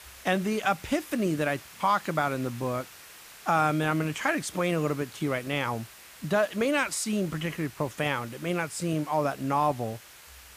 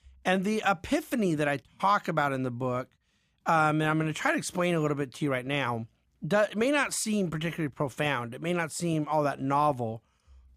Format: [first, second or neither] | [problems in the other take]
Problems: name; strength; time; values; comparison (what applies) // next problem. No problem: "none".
second | hiss; noticeable; throughout; 20 dB below the speech